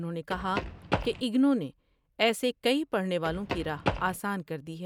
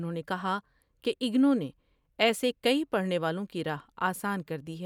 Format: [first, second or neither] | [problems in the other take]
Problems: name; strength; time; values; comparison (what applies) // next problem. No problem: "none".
second | background sound (Run); 4 dB below the speech